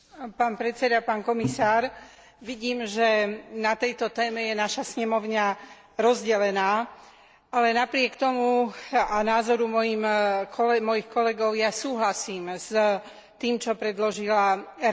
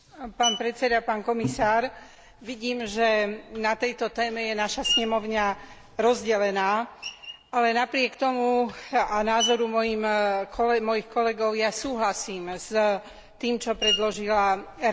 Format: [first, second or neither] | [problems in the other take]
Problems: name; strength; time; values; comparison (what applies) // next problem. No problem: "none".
first | background sound (Screech); 11 dB below the speech